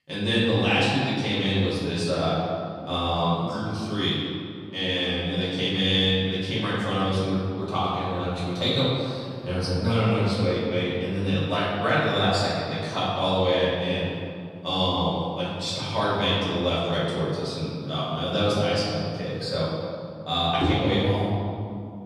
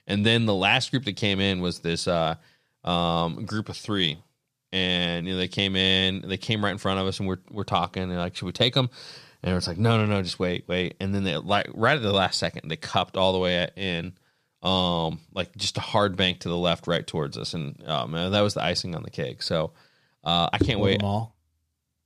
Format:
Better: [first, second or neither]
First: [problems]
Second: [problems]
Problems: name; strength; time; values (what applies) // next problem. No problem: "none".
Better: second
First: off-mic speech; far // room echo; strong; dies away in 2.2 s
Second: none